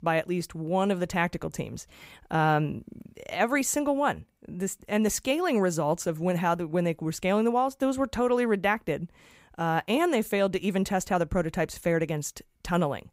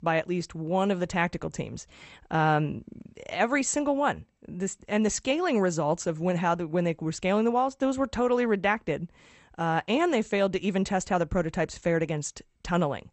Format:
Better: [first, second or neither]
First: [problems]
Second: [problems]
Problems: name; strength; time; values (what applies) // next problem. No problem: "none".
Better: first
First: none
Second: garbled, watery; slightly; nothing above 8 kHz